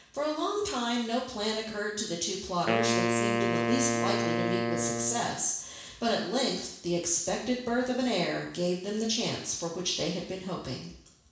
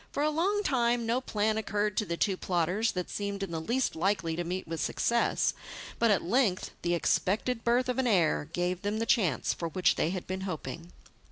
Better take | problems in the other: second | background sound (Wind instrument, woodwind instrument); 1 dB above the speech // room echo; dies away in 0.7 s

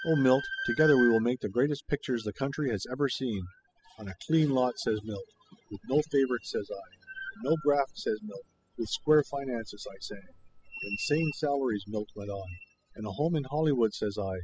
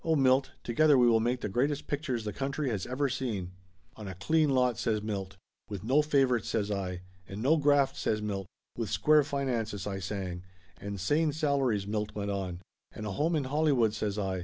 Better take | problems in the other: second | noise reduction (classical method spectral subtraction)

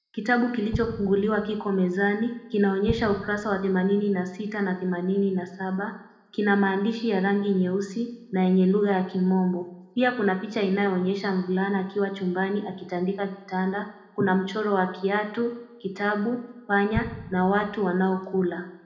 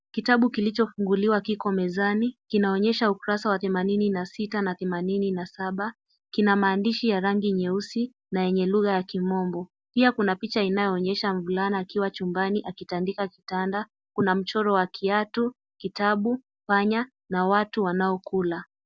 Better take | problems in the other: second | background sound (Explosion); 12 dB below the speech // room echo; dies away in 0.7 s

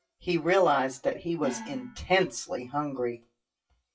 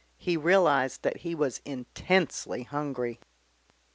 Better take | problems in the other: second | noise reduction (classical method WPE with log-MMSE)

